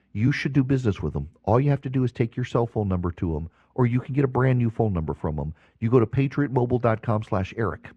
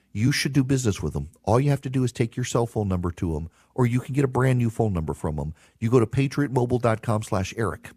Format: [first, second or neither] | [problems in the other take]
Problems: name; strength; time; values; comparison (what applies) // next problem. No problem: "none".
second | muffled; slightly; fading above 2.5 kHz